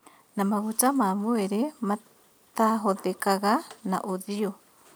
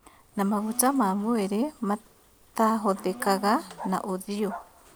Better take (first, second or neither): first